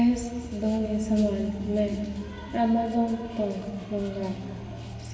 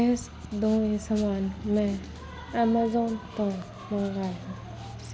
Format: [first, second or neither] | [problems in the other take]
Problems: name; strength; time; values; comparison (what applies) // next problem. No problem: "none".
second | room echo; dies away in 2.5 s